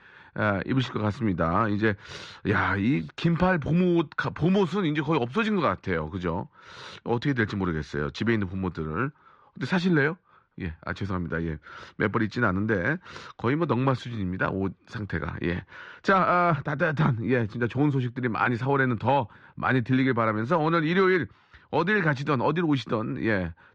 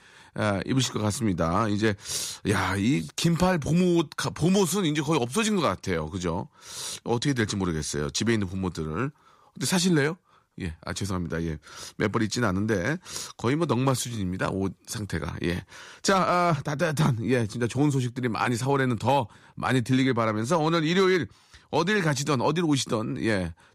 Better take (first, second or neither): second